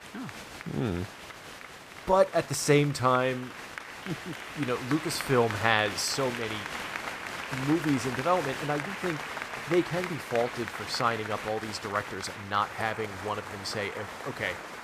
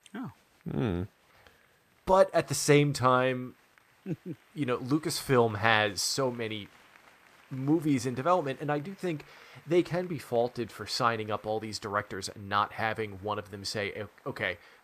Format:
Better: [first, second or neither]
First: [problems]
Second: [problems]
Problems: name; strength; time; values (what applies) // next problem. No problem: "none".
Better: second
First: crowd noise; loud; throughout; 8 dB below the speech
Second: crowd noise; faint; throughout; 30 dB below the speech